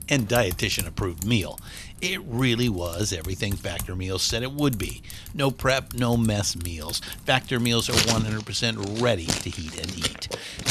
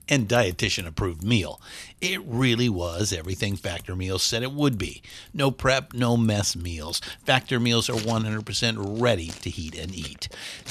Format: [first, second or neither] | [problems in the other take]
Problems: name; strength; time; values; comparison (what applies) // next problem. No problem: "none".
second | household noises; loud; throughout; 6 dB below the speech; faint in the second